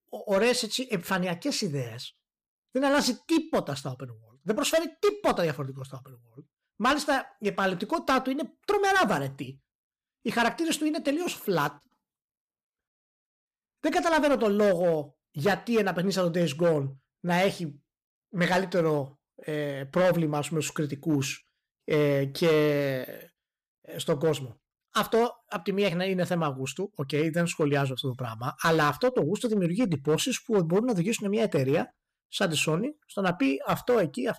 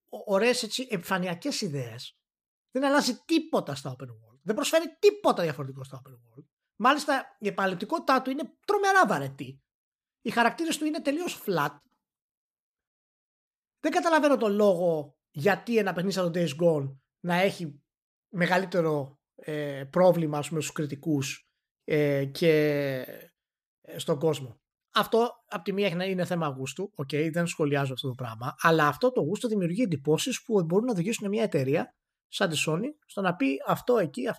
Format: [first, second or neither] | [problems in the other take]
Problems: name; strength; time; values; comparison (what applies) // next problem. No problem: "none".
second | distortion; slight; 4% of the sound clipped